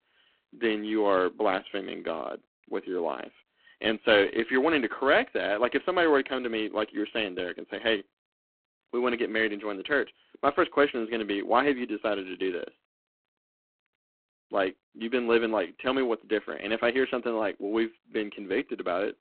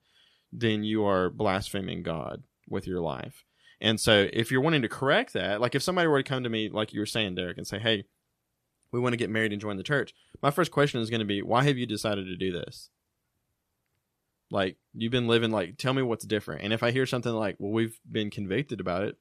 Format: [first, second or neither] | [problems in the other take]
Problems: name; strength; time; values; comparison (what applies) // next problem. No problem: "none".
second | phone-call audio; poor line